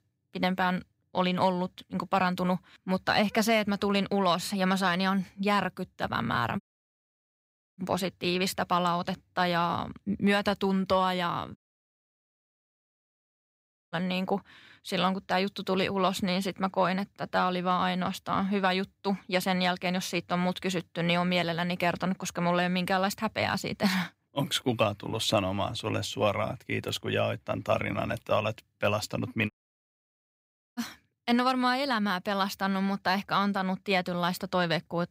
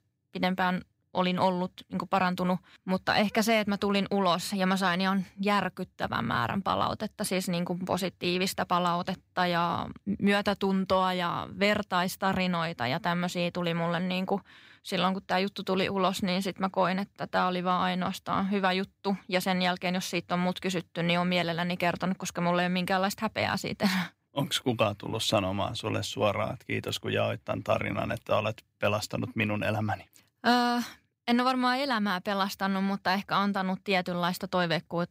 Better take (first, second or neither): second